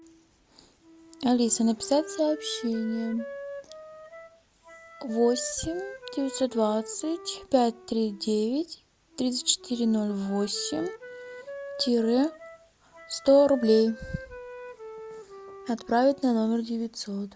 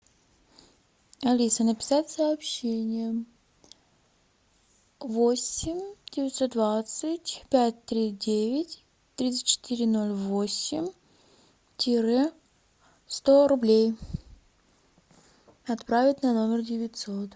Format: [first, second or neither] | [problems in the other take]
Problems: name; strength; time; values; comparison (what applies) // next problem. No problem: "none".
second | background sound (Wind instrument, woodwind instrument); 16 dB below the speech